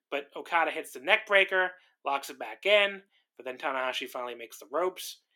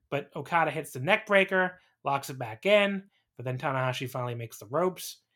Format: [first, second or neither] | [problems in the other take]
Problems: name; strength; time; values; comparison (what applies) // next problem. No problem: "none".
second | thin; somewhat; fading below 250 Hz